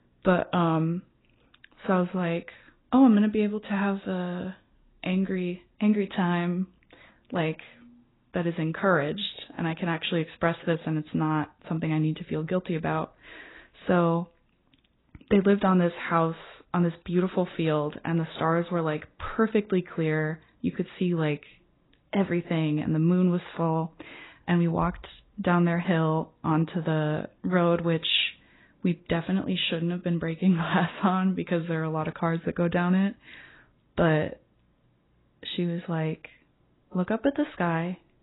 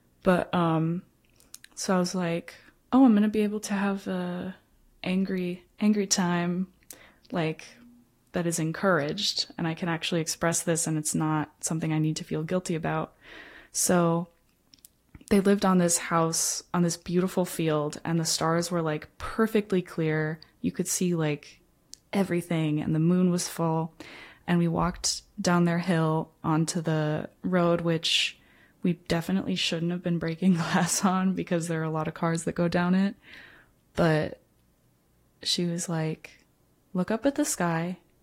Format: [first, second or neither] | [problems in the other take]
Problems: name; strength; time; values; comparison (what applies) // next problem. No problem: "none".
second | garbled, watery; badly; nothing above 4 kHz; slightly in the second